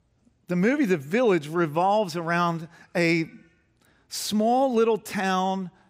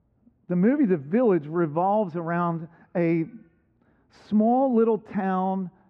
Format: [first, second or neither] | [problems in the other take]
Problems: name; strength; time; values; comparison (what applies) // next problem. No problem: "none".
first | muffled; very; fading above 1 kHz